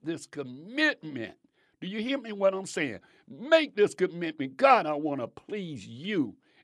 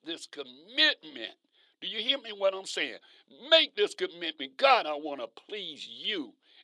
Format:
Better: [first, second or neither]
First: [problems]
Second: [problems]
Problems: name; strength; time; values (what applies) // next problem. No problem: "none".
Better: first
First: none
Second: thin; somewhat; fading below 450 Hz